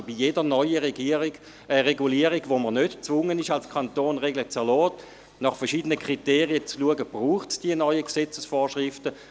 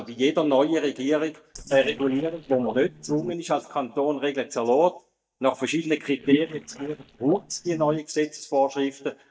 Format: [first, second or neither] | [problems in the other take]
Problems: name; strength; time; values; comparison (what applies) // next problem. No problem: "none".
first | noise reduction (neural mask model DeepFilterNet 3)